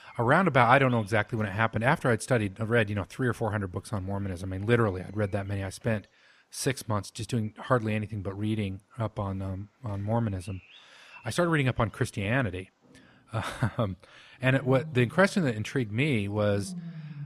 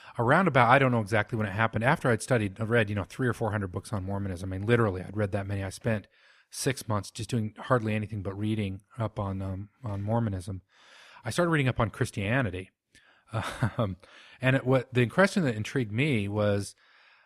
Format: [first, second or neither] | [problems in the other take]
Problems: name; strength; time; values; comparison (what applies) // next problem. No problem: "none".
second | animal sounds; noticeable; throughout; 20 dB below the speech